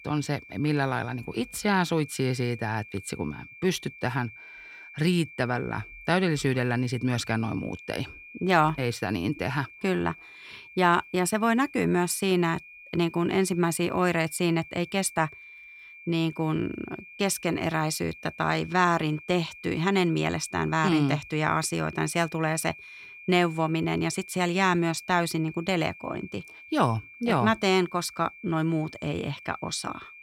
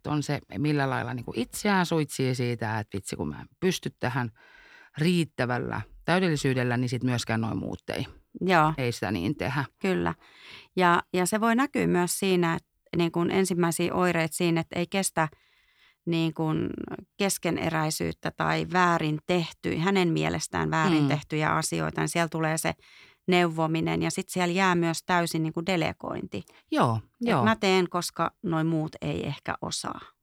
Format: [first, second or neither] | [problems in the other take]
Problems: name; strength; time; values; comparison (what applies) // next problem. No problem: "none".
second | high-pitched whine; noticeable; throughout; 2.5 kHz, 20 dB below the speech